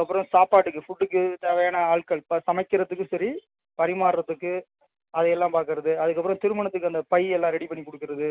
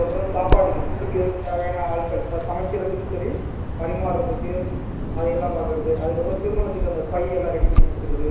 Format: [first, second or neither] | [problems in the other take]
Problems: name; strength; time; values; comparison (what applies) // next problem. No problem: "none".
first | background sound (Bird vocalization, bird call, bird song); 3 dB above the speech // room echo; dies away in 1 s